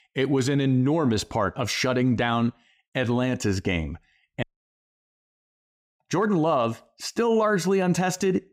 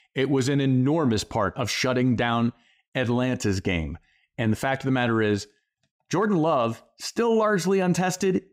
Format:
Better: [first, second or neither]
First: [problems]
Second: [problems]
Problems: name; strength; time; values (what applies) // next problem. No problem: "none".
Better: second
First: audio cutting out; at 4.5 s for 1.5 s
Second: none